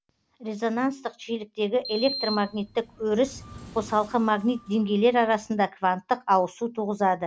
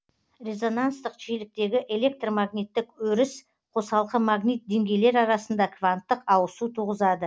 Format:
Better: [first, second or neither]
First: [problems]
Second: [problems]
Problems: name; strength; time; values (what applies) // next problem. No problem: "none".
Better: second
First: background sound (Sliding door); 14 dB below the speech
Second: none